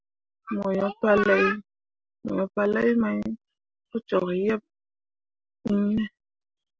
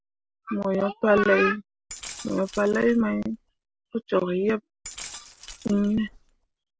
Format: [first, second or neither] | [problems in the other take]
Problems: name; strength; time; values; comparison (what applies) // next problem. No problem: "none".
first | background sound (Glass); 17 dB below the speech